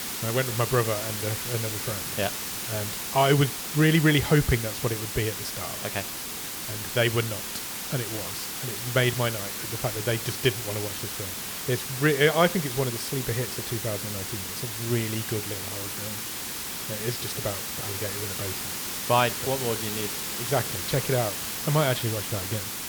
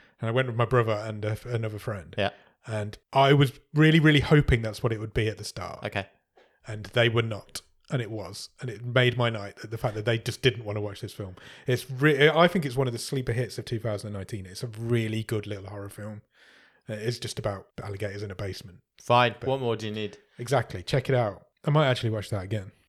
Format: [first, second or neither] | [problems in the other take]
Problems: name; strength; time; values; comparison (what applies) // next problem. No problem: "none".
second | hiss; loud; throughout; 3 dB below the speech